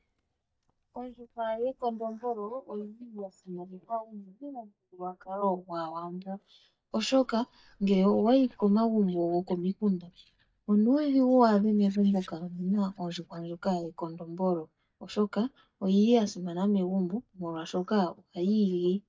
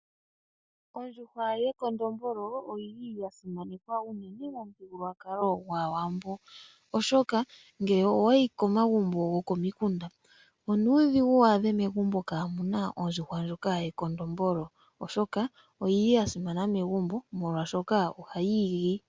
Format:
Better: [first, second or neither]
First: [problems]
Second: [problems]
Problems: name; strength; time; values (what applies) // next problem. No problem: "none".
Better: second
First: noise reduction (neural mask model DeepFilterNet 3)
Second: none